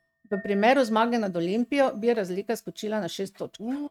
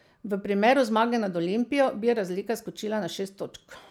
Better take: second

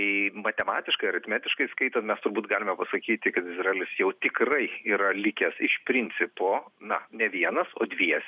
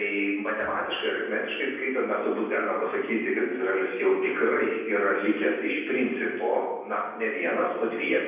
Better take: first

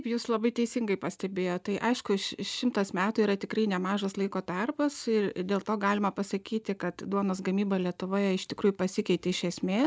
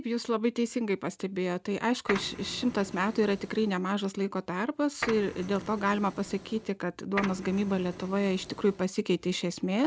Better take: first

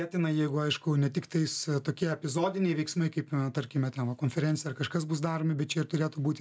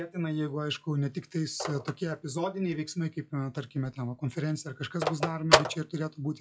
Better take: first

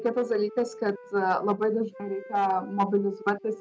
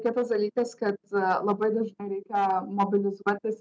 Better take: second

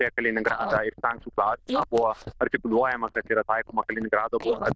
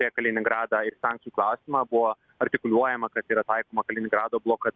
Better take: second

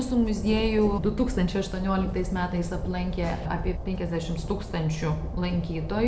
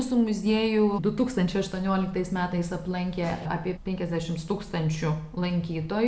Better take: second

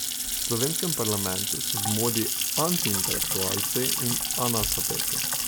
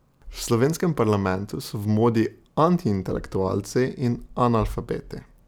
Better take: second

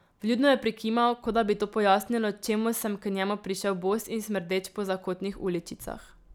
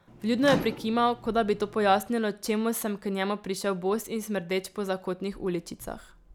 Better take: first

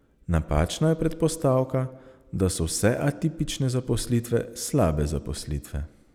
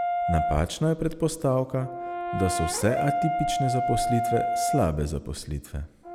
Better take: first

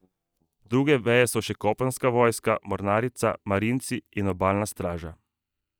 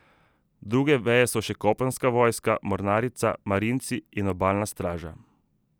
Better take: second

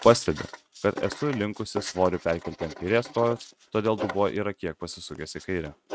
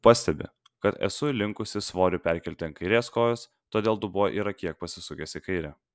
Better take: second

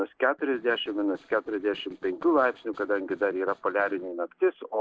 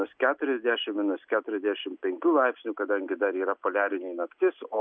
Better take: second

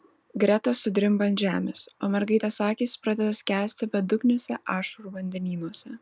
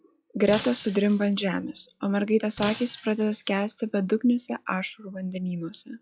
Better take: first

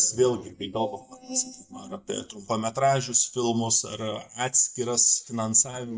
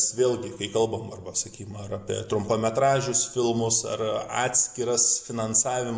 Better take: second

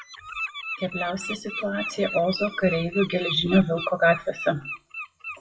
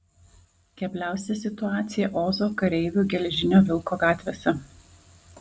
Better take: second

